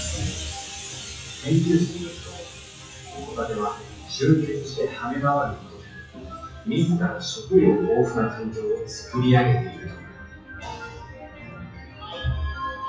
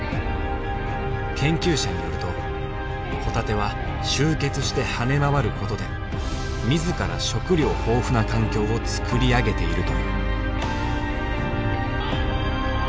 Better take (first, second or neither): second